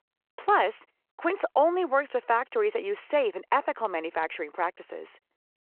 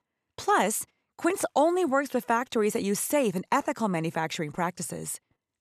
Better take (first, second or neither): second